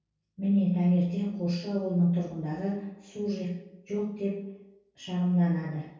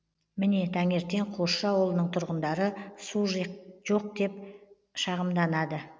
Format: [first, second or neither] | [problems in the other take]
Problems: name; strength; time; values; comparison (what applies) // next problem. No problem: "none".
second | room echo; dies away in 0.6 s